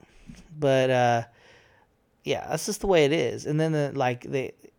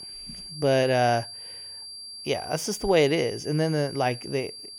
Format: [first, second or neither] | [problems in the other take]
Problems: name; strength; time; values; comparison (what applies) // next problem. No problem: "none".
first | high-pitched whine; noticeable; throughout; 4.5 kHz, 15 dB below the speech